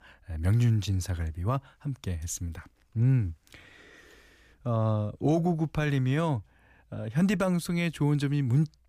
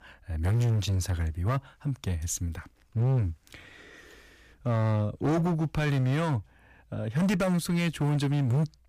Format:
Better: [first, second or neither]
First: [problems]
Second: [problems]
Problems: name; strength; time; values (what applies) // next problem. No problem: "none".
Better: first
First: none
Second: distortion; slight; 14% of the sound clipped